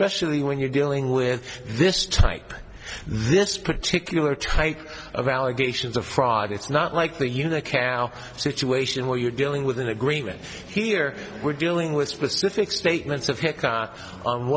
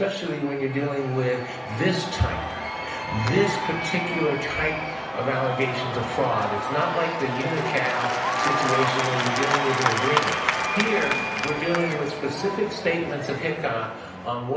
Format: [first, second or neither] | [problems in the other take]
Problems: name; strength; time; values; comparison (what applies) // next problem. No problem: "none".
first | background sound (Applause / Crowd / Cheering); 1 dB below the speech // room echo; dies away in 0.8 s